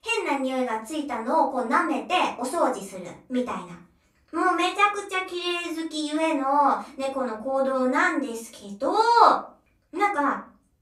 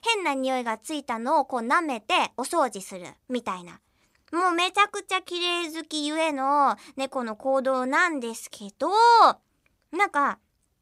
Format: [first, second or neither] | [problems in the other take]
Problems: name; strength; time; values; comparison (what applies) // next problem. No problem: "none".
second | room echo; slight; dies away in 0.3 s // off-mic speech; far